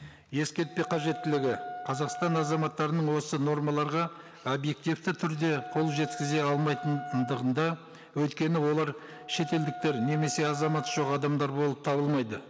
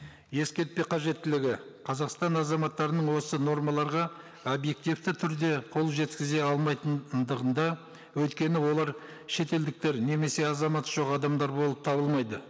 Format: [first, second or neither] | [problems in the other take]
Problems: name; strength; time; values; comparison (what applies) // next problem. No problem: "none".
second | background sound (Wind instrument, woodwind instrument); 12 dB below the speech